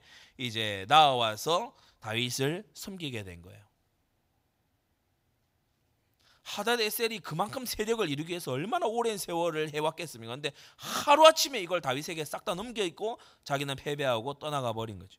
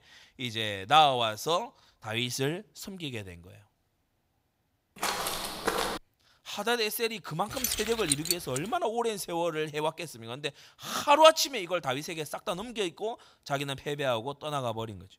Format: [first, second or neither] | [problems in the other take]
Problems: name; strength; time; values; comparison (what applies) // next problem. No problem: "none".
first | footsteps; noticeable; at 5 s; peak 1 dB below the speech // jangling keys; loud; from 7.5 to 8.5 s; peak 1 dB above the speech